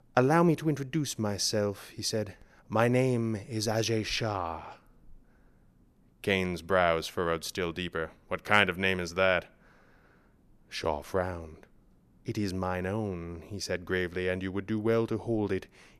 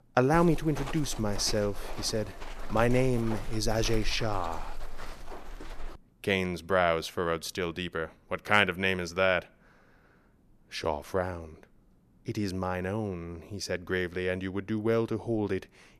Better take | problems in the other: first | footsteps; noticeable; until 6 s; peak 9 dB below the speech

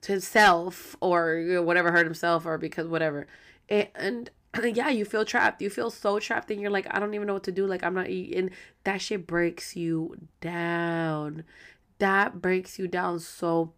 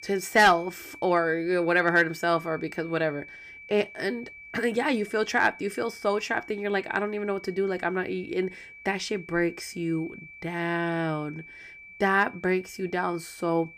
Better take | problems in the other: first | high-pitched whine; noticeable; throughout; 2.5 kHz, 15 dB below the speech

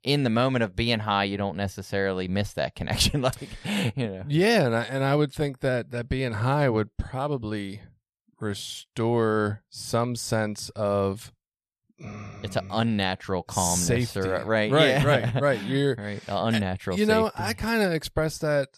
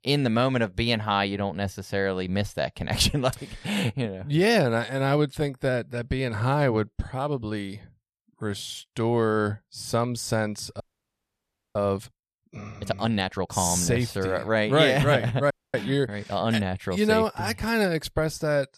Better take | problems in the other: first | audio freezing; at 11 s for 1 s and at 16 s

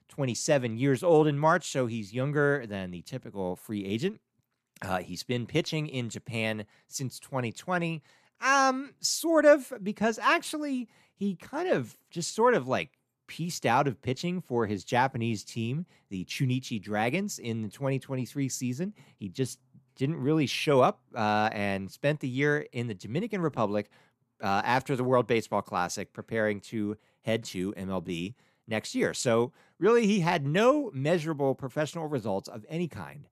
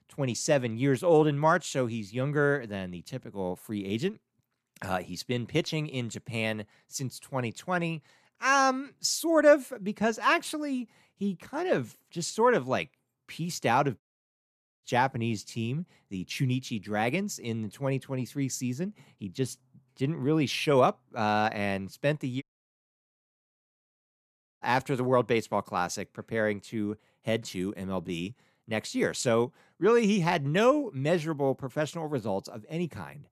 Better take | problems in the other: first | audio cutting out; at 14 s for 1 s and at 22 s for 2 s

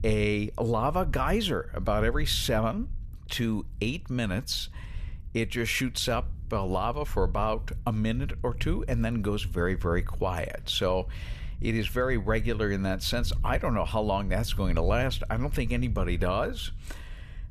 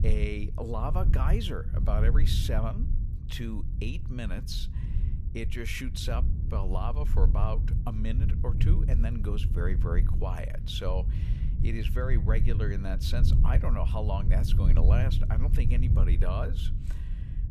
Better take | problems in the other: first | low rumble; loud; throughout; 7 dB below the speech; faint in the first

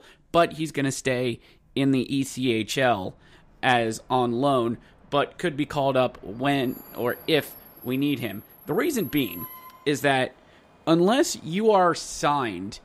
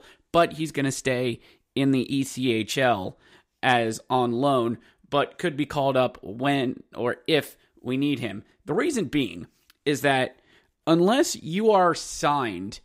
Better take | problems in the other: second | train or aircraft noise; faint; throughout; 20 dB below the speech

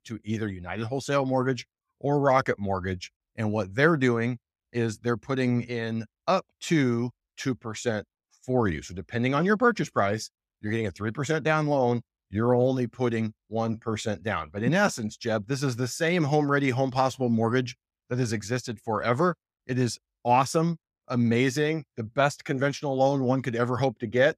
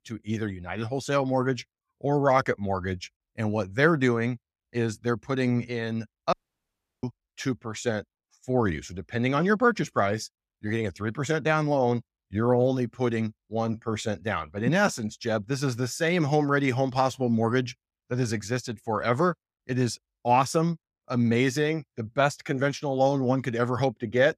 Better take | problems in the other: first | audio cutting out; at 6.5 s for 0.5 s

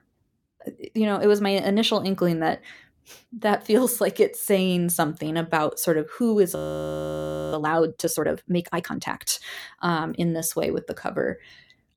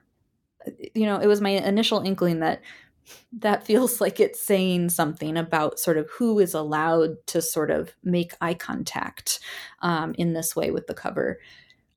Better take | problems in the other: second | audio freezing; at 6.5 s for 1 s

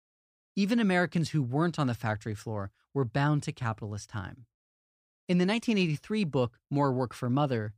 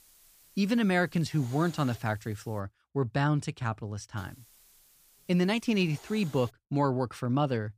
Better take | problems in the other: first | hiss; faint; until 2.5 s and from 4 to 6.5 s; 25 dB below the speech

